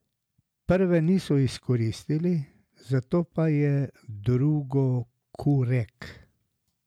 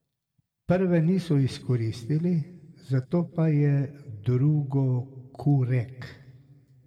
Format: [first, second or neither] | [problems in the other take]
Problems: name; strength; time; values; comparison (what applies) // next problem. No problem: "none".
first | room echo; dies away in 1.4 s